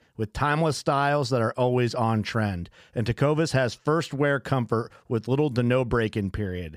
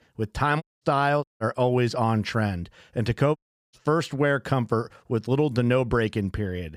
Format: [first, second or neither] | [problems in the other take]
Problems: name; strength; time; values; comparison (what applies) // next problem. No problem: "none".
first | audio cutting out; at 0.5 s, at 1 s and at 3.5 s